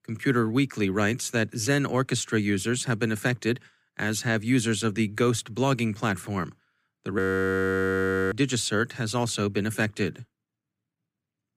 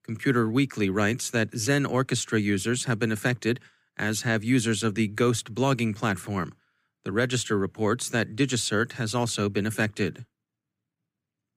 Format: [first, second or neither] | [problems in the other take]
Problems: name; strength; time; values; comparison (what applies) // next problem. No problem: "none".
second | audio freezing; at 7 s for 1 s